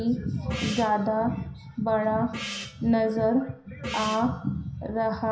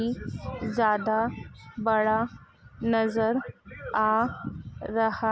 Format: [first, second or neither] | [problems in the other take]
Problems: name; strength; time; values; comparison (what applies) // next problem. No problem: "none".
second | background sound (Gong); 13 dB below the speech // room echo; dies away in 0.5 s